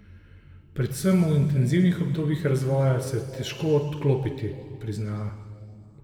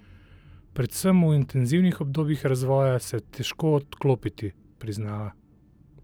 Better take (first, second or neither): second